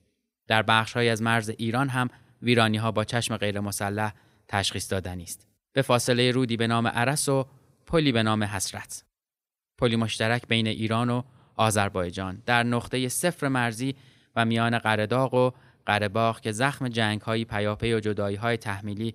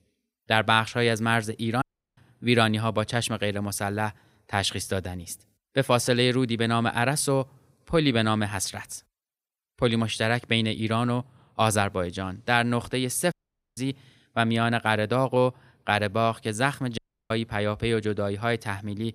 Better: first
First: none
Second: audio cutting out; at 2 s, at 13 s and at 17 s

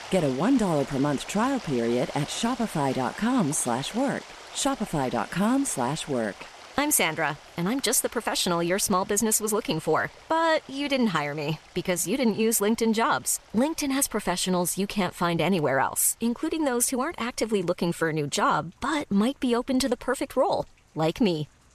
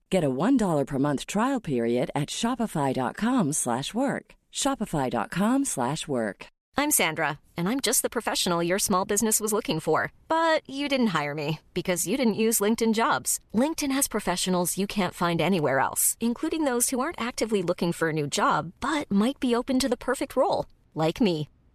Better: second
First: rain or running water; noticeable; throughout; 20 dB below the speech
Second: none

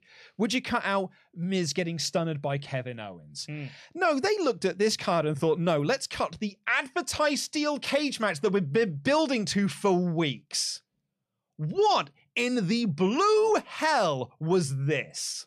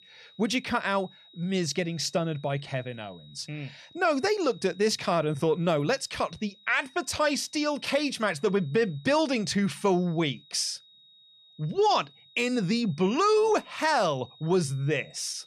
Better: first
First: none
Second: high-pitched whine; faint; throughout; 4 kHz, 25 dB below the speech

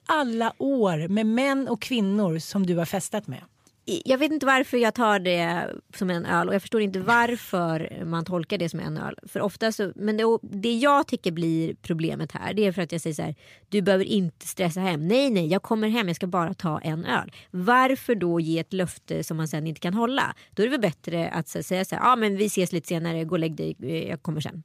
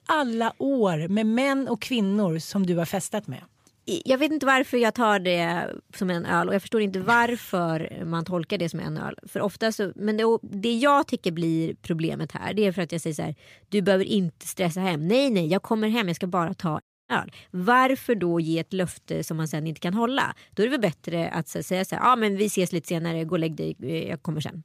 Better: first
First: none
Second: audio cutting out; at 17 s

